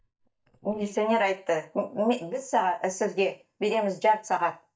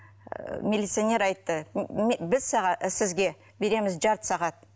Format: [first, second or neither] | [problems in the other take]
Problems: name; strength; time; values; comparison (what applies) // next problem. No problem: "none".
second | noise reduction (neural mask model DeepFilterNet 3)